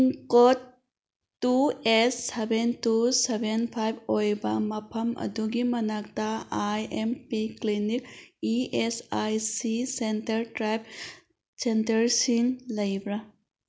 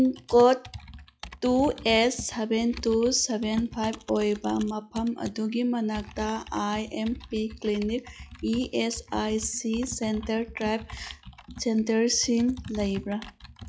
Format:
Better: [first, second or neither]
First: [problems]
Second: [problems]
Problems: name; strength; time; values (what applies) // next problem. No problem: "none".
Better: first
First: none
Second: noise reduction (classical method log-MMSE)